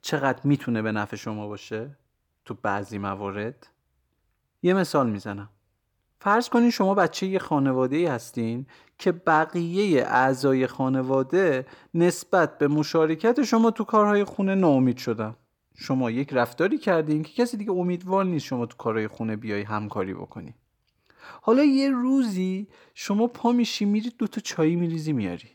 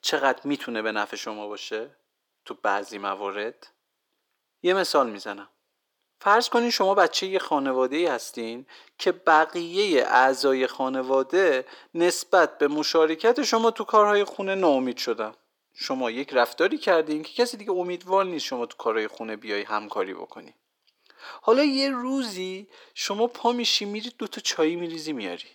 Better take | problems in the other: first | thin; somewhat; fading below 350 Hz

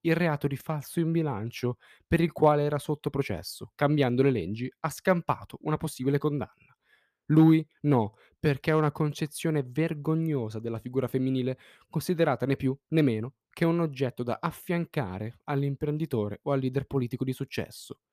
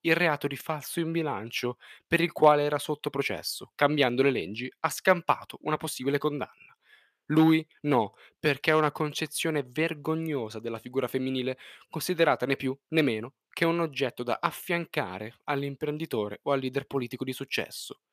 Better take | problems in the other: first | thin; somewhat; fading below 1 kHz

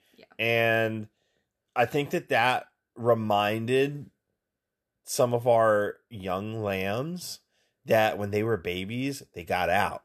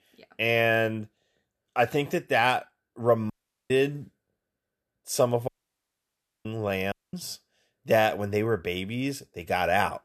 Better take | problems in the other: first | audio cutting out; at 3.5 s, at 5.5 s for 1 s and at 7 s

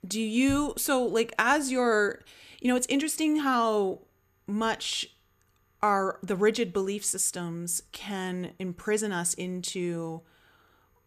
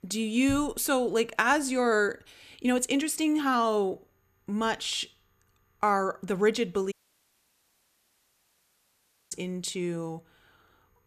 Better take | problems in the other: first | audio cutting out; at 7 s for 2.5 s

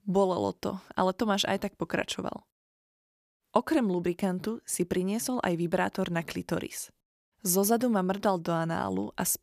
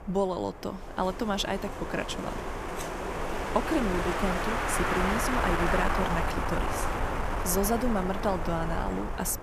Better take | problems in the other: first | wind noise on the microphone; heavy; 2 dB above the speech

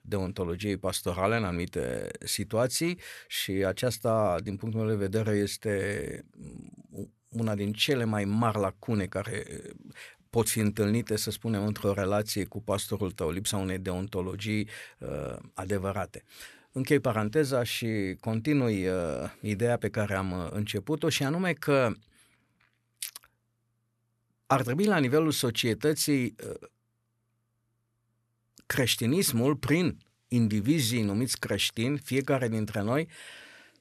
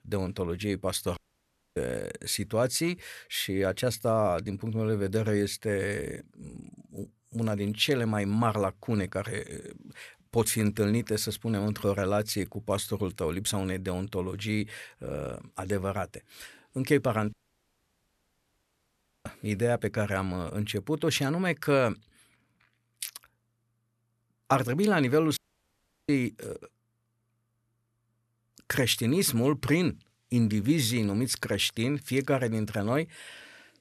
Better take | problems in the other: first | audio cutting out; at 1 s for 0.5 s, at 17 s for 2 s and at 25 s for 0.5 s

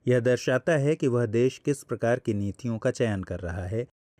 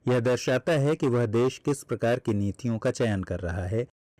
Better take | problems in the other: first | distortion; slight; 11% of the sound clipped

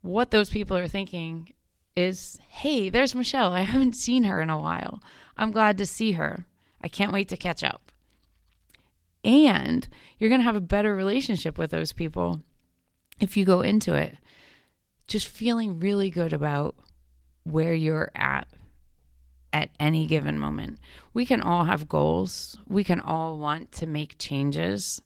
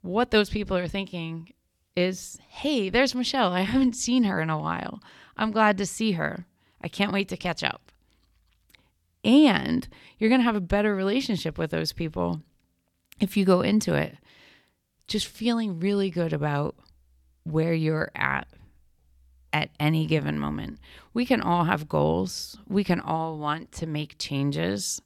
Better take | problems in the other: second | garbled, watery; slightly; nothing above 15.5 kHz

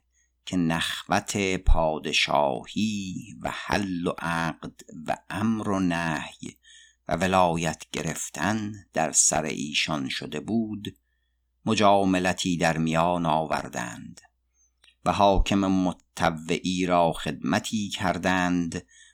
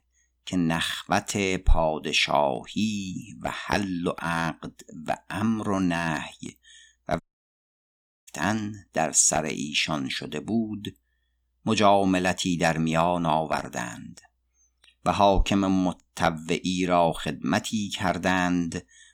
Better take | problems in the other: first | audio cutting out; at 7 s for 1 s

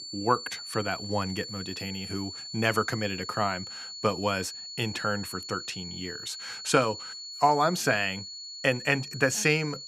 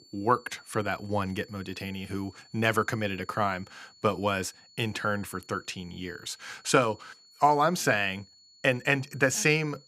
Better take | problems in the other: second | high-pitched whine; loud; throughout; 4.5 kHz, 9 dB below the speech; faint in the second

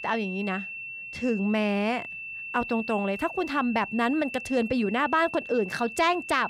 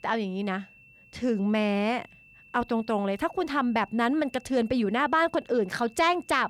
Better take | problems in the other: second | high-pitched whine; loud; throughout; 2.5 kHz, 9 dB below the speech; faint in the second

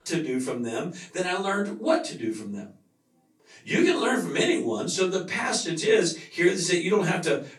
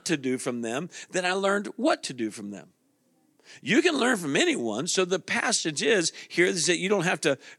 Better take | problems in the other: second | room echo; slight; dies away in 0.3 s // off-mic speech; far

